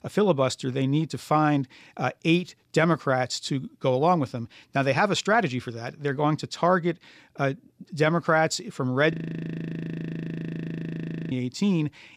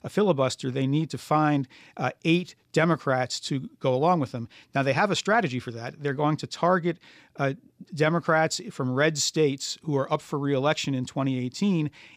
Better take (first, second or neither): second